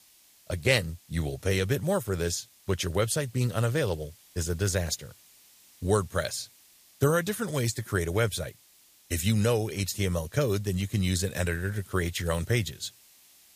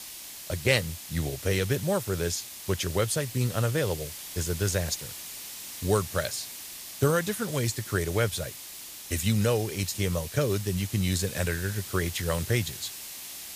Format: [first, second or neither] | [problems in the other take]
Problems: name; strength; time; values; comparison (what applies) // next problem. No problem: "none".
first | hiss; loud; throughout; 9 dB below the speech; faint in the first